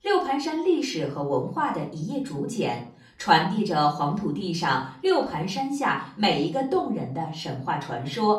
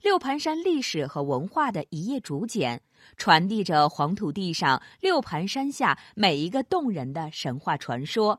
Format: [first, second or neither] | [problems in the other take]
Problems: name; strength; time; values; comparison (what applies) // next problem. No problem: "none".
second | off-mic speech; far // room echo; slight; dies away in 0.4 s